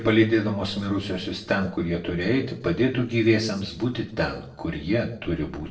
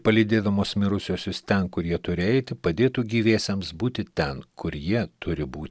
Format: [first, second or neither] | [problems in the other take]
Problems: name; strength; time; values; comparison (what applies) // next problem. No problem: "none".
second | room echo; dies away in 0.6 s